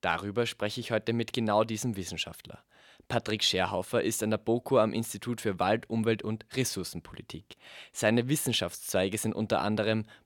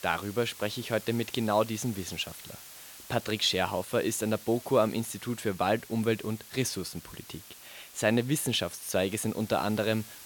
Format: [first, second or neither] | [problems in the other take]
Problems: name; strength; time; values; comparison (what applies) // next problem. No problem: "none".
first | hiss; noticeable; throughout; 15 dB below the speech